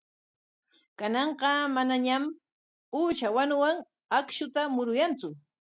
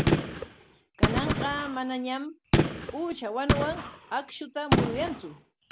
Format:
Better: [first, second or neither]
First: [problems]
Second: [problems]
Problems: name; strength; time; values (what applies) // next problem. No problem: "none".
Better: first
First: none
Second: background sound (Gunshot, gunfire); 5 dB above the speech